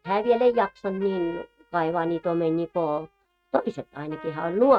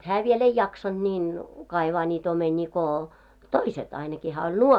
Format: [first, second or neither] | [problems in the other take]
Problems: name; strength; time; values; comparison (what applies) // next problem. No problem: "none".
second | noise reduction (neural mask model RNNoise)